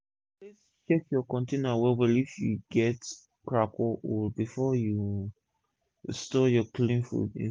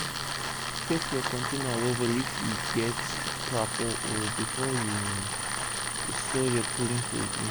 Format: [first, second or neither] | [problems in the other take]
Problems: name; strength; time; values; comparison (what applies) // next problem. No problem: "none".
first | background sound (Tools); as loud as the speech